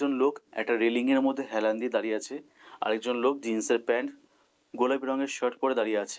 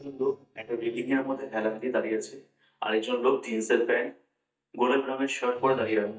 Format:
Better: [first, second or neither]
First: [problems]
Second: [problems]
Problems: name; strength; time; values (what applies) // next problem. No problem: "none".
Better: first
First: none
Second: noise reduction (neural mask model DeepFilterNet 3)